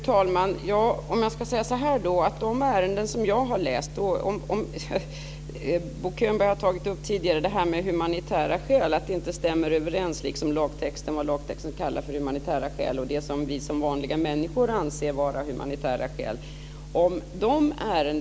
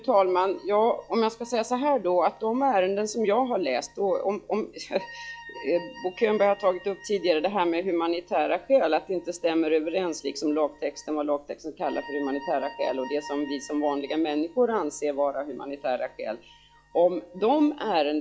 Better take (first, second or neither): first